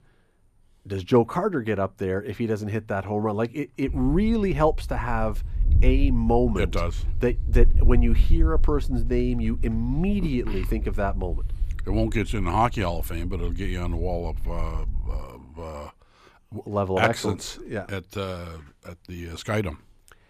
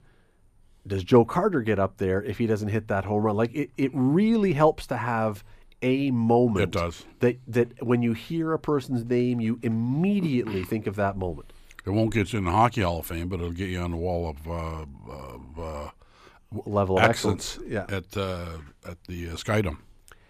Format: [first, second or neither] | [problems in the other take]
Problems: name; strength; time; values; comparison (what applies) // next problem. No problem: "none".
second | wind noise on the microphone; occasional gusts; from 4 to 15 s; 20 dB below the speech